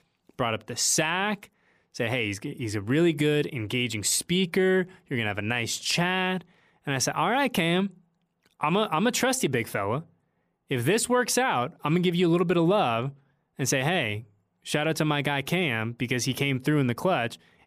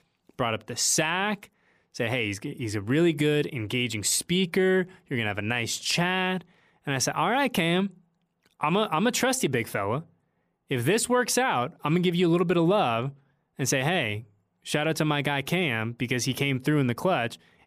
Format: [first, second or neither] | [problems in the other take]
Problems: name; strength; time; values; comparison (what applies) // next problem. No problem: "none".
neither | none